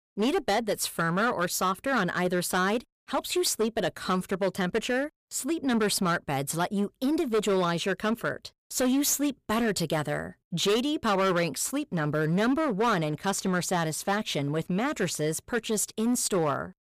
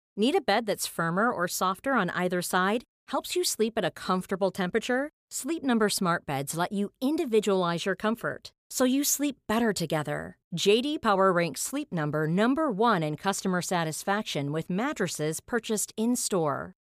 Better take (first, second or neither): second